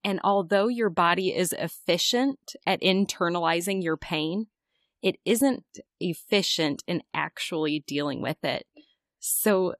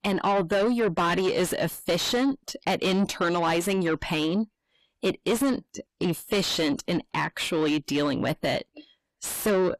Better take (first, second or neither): first